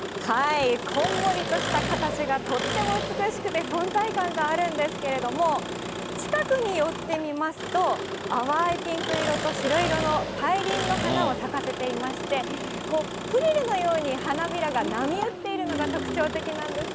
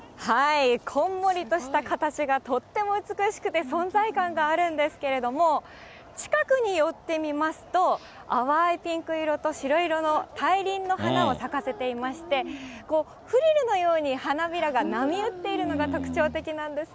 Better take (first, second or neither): second